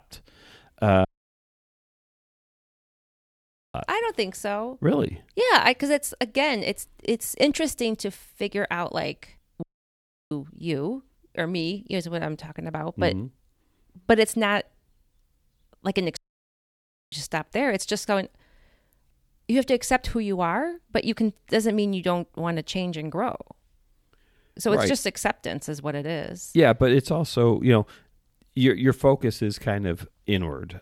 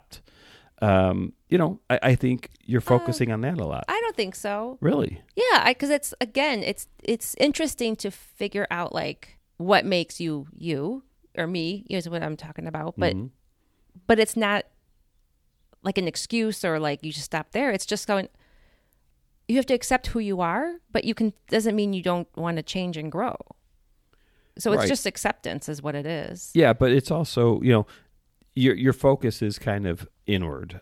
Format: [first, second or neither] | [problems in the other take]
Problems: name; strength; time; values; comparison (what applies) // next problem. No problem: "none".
second | audio cutting out; at 1 s for 2.5 s, at 9.5 s for 0.5 s and at 16 s for 1 s